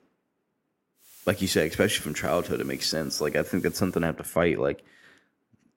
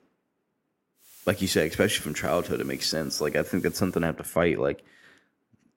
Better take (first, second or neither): neither